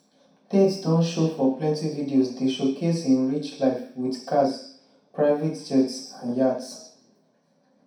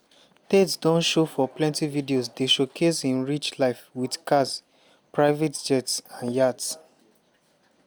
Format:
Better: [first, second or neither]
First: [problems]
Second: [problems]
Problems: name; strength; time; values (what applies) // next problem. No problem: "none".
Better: second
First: room echo; dies away in 0.6 s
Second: none